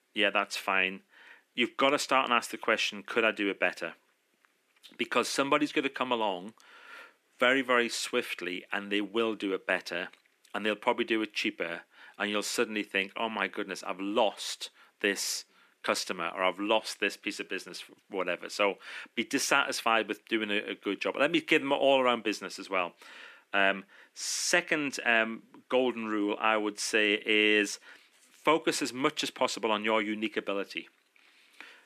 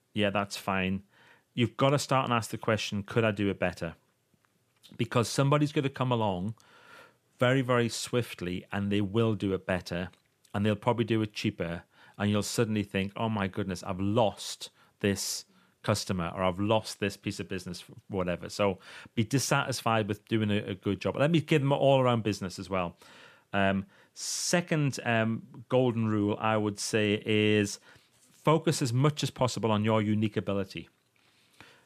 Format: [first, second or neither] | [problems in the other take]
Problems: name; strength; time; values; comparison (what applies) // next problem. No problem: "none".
second | thin; somewhat; fading below 300 Hz